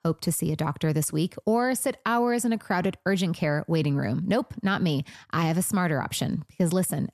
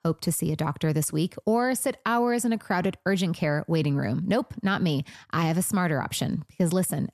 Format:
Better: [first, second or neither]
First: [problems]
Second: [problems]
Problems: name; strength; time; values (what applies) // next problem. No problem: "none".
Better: neither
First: none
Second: none